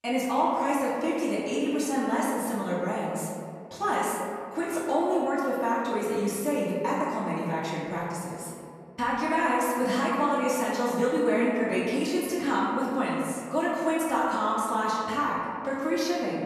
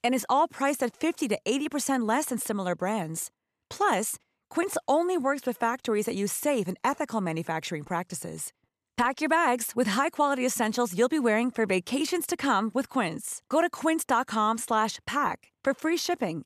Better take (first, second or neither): second